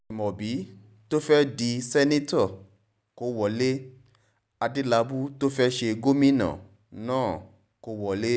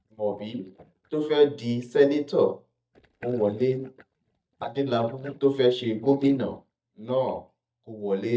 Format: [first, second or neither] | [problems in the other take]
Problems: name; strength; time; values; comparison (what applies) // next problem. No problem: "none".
first | noise reduction (neural mask model DeepFilterNet 3)